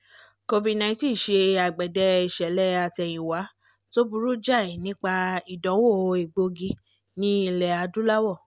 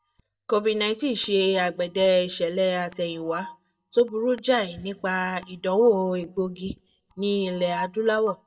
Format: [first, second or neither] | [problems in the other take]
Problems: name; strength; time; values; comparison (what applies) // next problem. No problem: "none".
first | noise reduction (neural mask model DeepFilterNet 3)